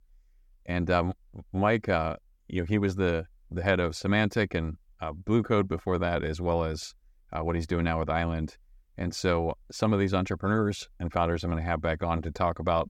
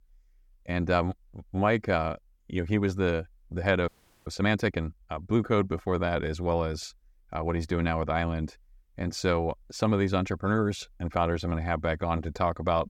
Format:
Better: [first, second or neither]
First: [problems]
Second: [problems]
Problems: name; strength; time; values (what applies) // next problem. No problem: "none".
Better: first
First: none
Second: audio freezing; at 4 s